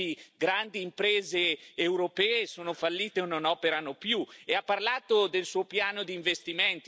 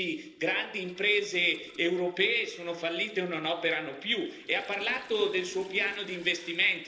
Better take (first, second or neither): first